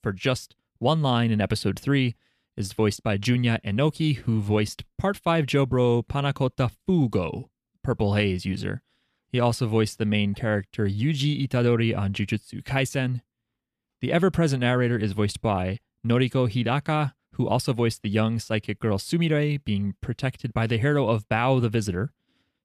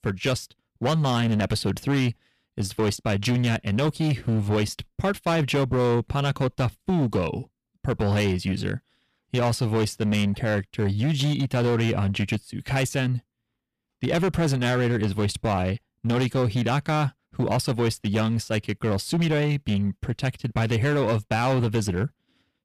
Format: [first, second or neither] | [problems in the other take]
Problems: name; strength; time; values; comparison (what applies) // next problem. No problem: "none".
first | distortion; slight; 13% of the sound clipped